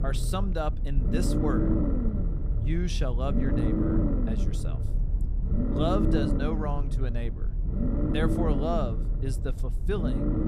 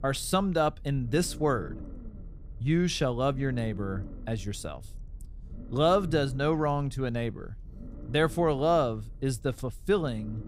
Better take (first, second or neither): second